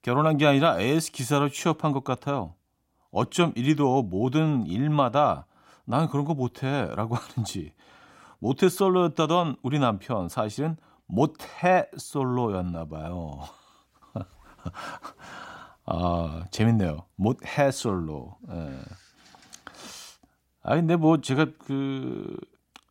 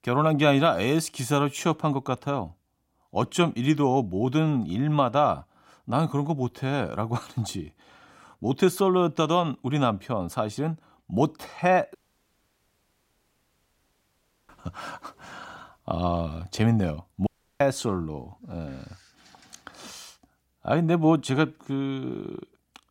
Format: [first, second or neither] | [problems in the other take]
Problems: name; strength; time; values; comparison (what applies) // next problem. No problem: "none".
first | audio cutting out; at 12 s for 2.5 s and at 17 s